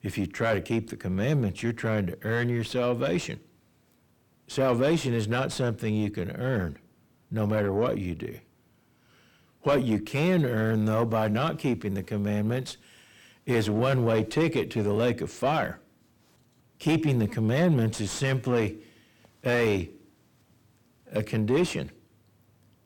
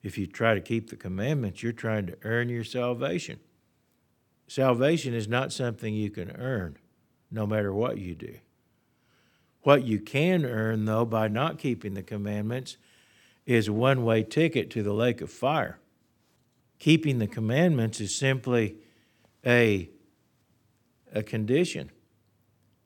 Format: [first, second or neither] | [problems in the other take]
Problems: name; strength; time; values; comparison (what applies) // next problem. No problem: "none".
second | distortion; heavy; 7 dB below the speech